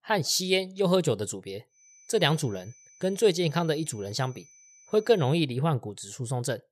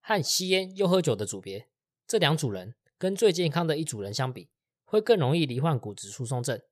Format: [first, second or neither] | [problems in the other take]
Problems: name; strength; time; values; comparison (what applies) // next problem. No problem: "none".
second | high-pitched whine; faint; from 2 to 5.5 s; 6 kHz, 25 dB below the speech